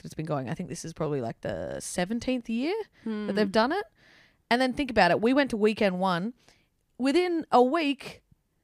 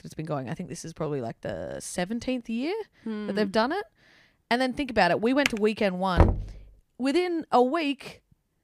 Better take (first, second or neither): first